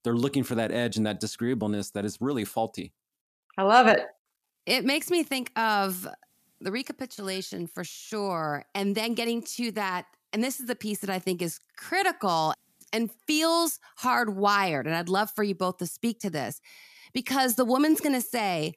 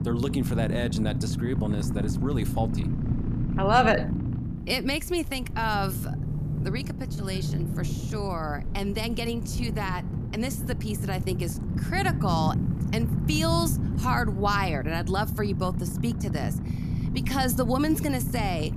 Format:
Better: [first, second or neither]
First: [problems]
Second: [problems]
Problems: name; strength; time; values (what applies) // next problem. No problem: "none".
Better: first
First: none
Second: low rumble; loud; throughout; 10 dB below the speech